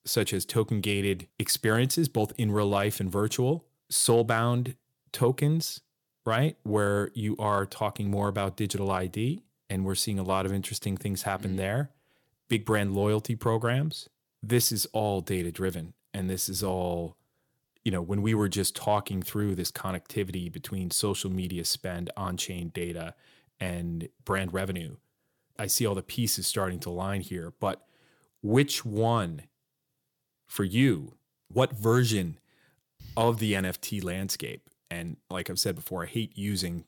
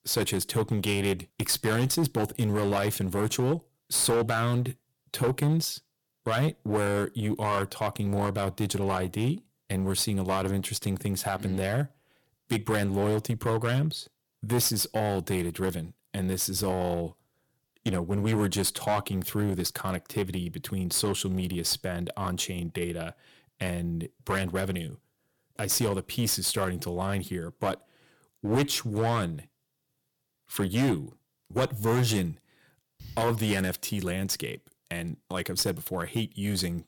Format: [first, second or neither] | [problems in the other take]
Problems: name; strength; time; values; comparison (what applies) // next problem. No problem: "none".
first | distortion; slight; 8% of the sound clipped